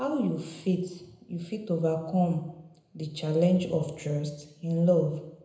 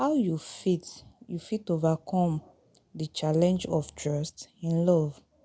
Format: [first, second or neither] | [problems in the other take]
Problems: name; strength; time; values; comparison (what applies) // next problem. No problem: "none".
second | room echo; dies away in 0.8 s